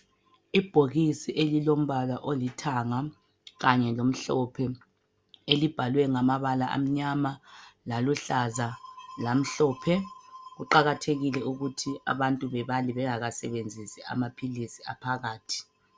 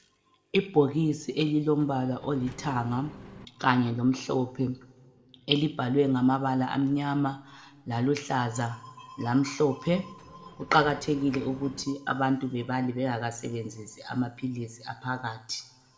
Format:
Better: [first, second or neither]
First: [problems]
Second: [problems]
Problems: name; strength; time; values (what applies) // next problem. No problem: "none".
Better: first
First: none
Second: background sound (Engine); 18 dB below the speech // room echo; dies away in 1.5 s